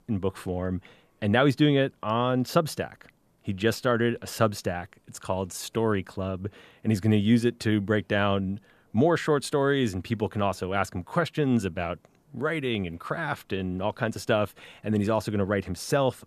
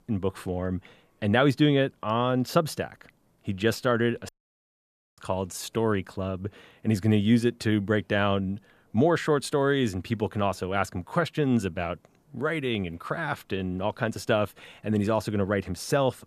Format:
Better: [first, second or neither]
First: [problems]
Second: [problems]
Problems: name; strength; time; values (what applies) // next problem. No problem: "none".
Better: first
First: none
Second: audio cutting out; at 4.5 s for 1 s